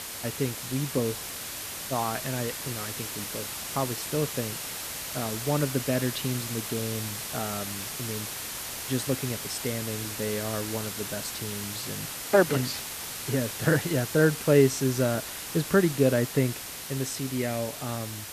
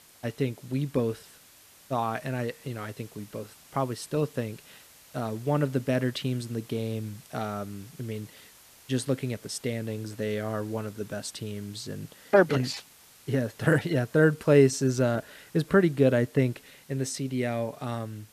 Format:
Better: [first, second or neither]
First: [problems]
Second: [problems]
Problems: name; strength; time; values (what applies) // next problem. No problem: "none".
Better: second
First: hiss; loud; throughout; 5 dB below the speech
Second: hiss; faint; throughout; 25 dB below the speech